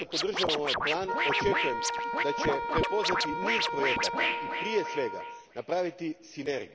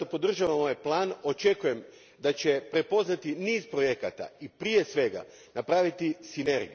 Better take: second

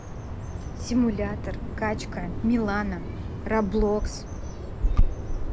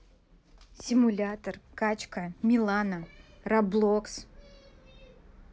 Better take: second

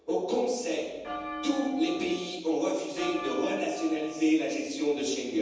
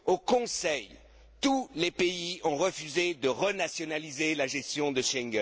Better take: second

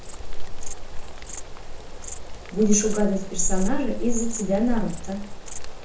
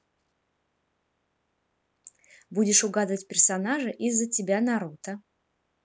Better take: second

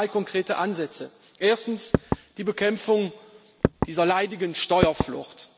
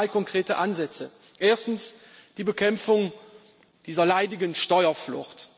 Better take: second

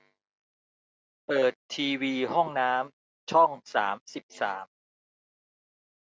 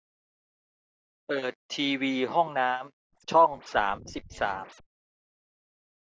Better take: first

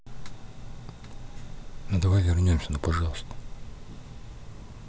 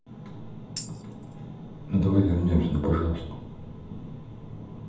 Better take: first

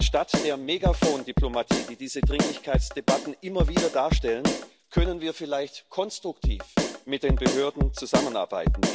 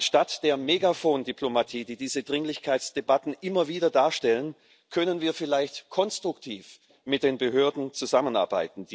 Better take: second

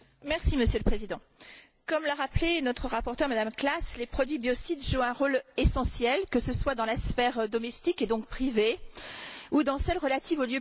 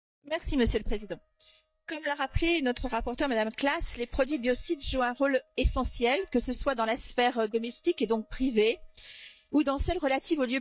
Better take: first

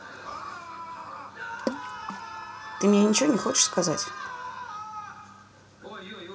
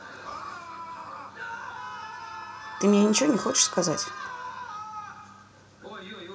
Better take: second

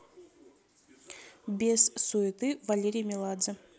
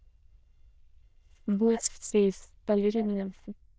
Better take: first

